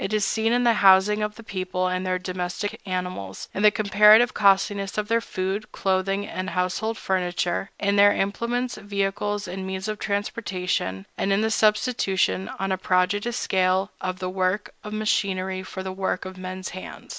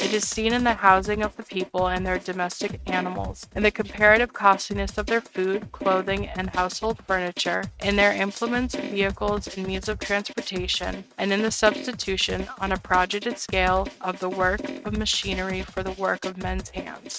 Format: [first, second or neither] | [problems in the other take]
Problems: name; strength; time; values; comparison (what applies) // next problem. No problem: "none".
first | noise reduction (neural mask model RNNoise)